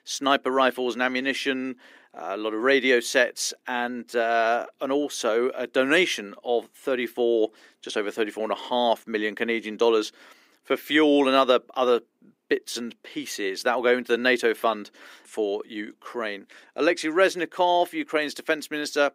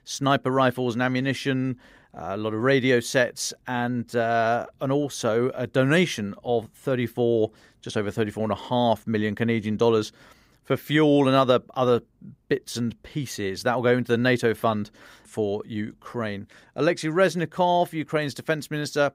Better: second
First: thin; very slightly; fading below 300 Hz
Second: none

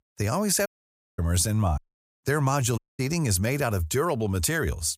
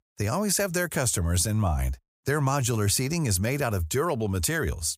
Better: second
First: audio cutting out; at 0.5 s for 0.5 s, at 2 s and at 3 s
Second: none

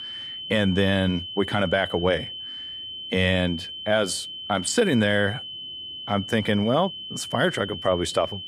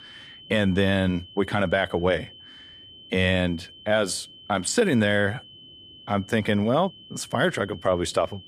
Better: second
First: high-pitched whine; loud; throughout; 3 kHz, 9 dB below the speech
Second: high-pitched whine; faint; throughout; 3 kHz, 20 dB below the speech

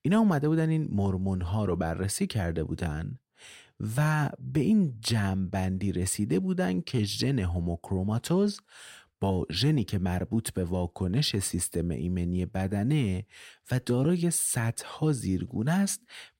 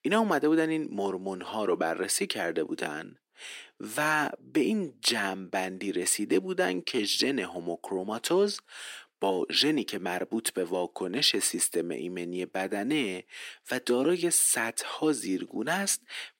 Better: first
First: none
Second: thin; somewhat; fading below 300 Hz

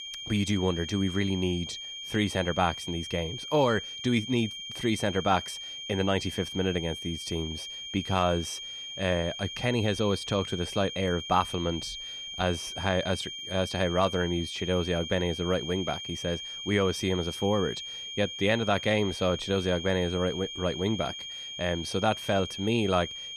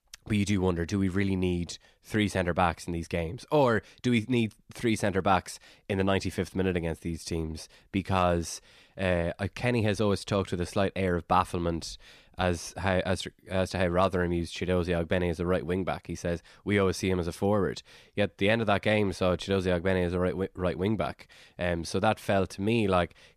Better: second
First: high-pitched whine; loud; throughout; 3 kHz, 7 dB below the speech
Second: none

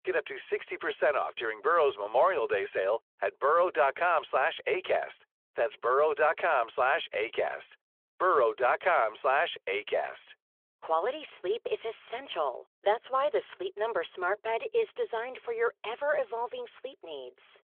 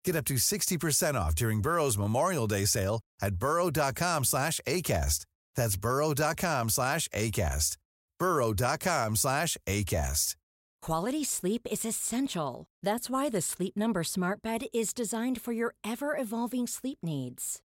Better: second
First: phone-call audio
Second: none

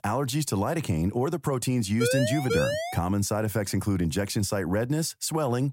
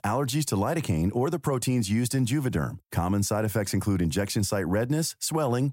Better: second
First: siren; loud; at 2 s; peak level with the speech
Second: none

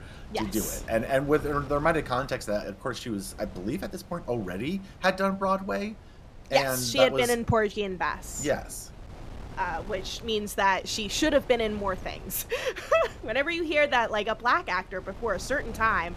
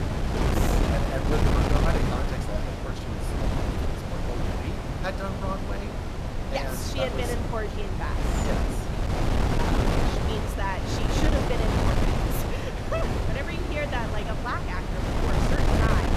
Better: first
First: wind noise on the microphone; occasional gusts; 25 dB below the speech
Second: wind noise on the microphone; heavy; 2 dB above the speech

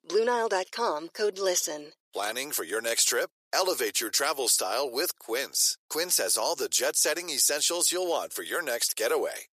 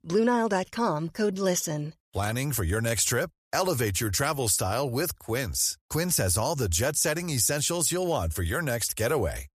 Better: second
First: thin; very; fading below 400 Hz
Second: none

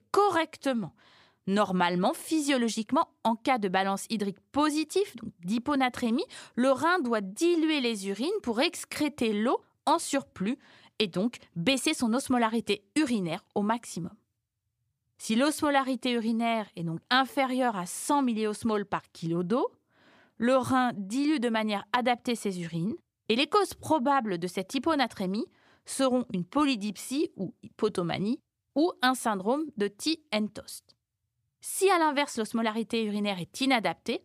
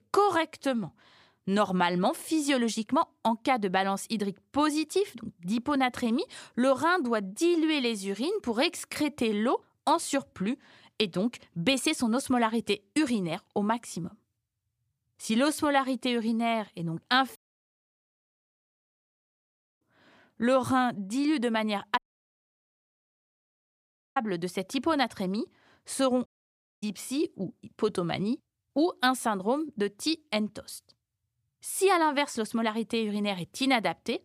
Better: first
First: none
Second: audio cutting out; at 17 s for 2.5 s, at 22 s for 2 s and at 26 s for 0.5 s

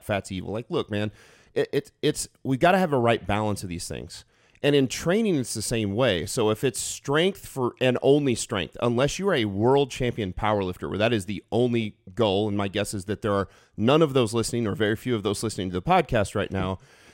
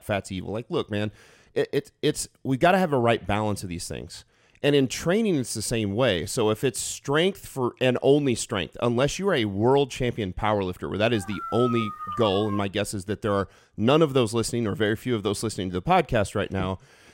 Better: first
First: none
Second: dog barking; noticeable; from 11 to 13 s; peak 7 dB below the speech

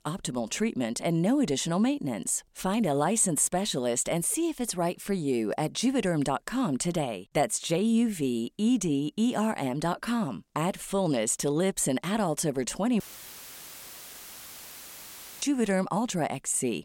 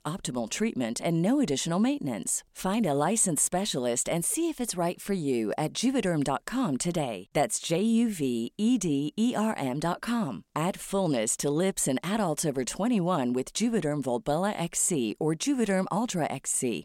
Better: second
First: audio cutting out; filled with static; at 13 s for 2.5 s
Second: none

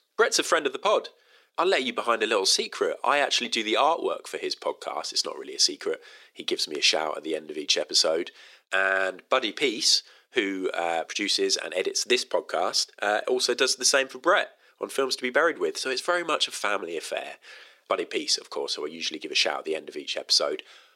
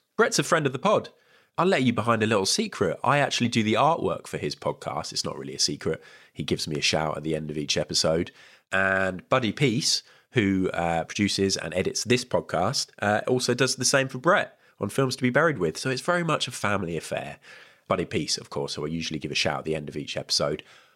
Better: second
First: thin; somewhat; fading below 350 Hz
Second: none

